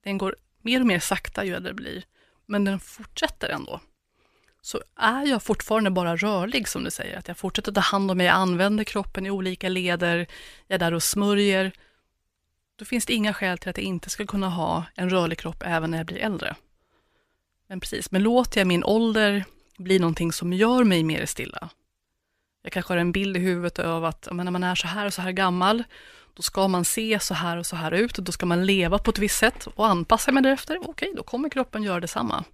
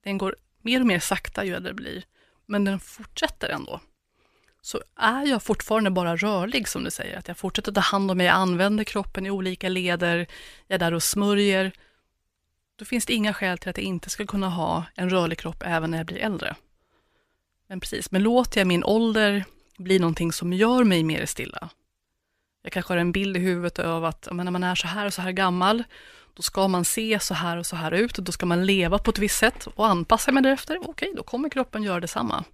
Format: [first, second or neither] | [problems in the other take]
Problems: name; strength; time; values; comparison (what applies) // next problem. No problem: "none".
neither | none